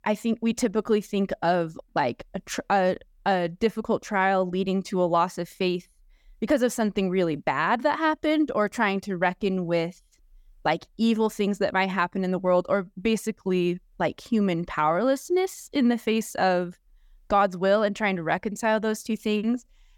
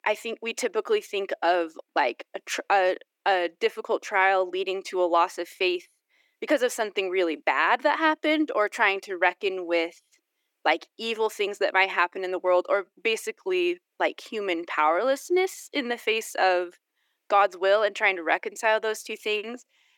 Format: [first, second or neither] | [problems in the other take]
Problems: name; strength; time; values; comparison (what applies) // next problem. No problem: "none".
first | thin; very; fading below 300 Hz